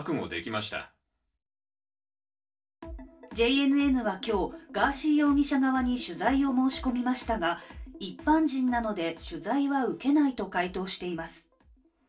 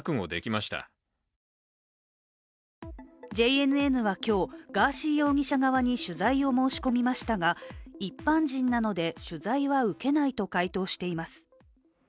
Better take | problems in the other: second | room echo; dies away in 0.2 s

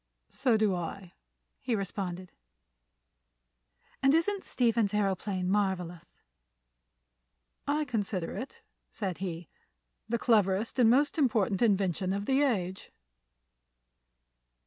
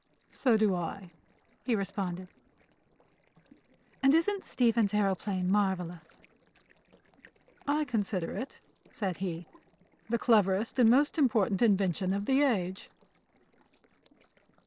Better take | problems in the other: first | noise reduction (neural separator model SepFormer DNS4)

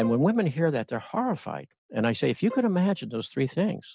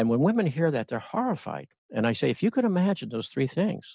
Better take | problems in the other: second | background sound (Bowed string instrument); 18 dB below the speech

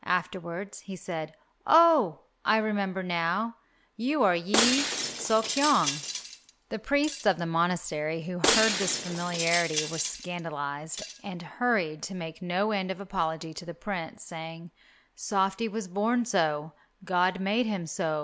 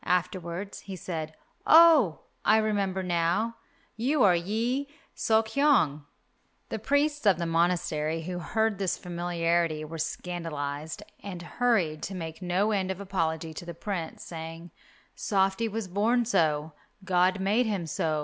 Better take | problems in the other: second | background sound (Shatter); 4 dB below the speech

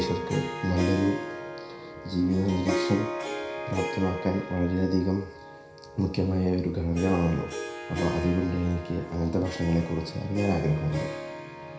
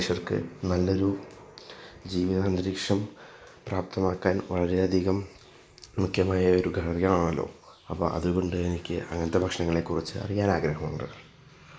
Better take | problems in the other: second | background sound (Harp); 8 dB below the speech // room echo; dies away in 0.5 s

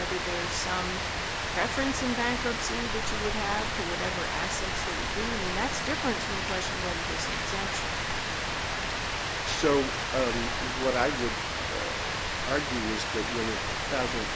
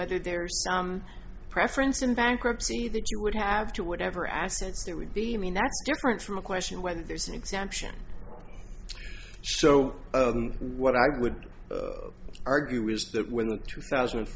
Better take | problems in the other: second | background sound (Rain); 1 dB above the speech

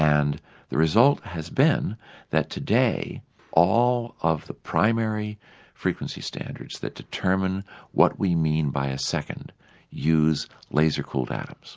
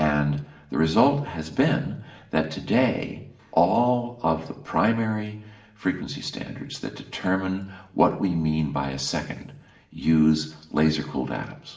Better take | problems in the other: first | room echo; dies away in 0.6 s

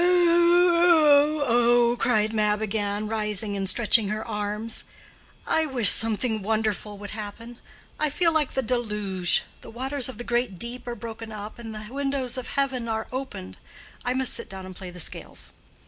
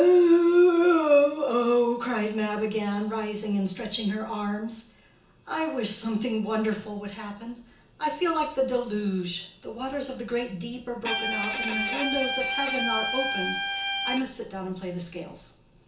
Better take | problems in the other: first | background sound (Bowed string instrument); 3 dB below the speech // room echo; dies away in 0.7 s

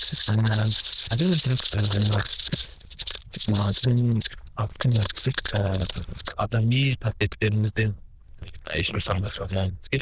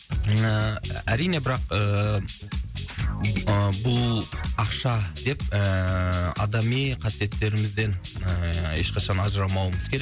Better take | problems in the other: second | noise reduction (neural diffusion model UNIVERSE++)

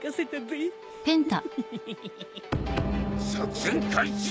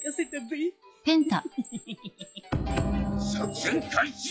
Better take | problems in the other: first | noise reduction (classical method log-MMSE)

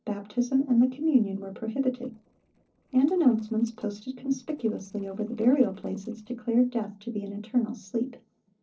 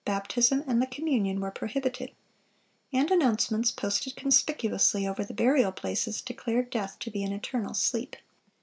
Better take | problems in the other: second | noise reduction (neural separator model SepFormer DNS4)

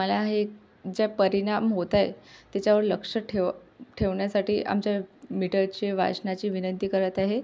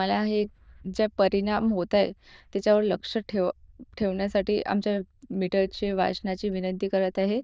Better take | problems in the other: first | noise reduction (neural diffusion model UNIVERSE++)

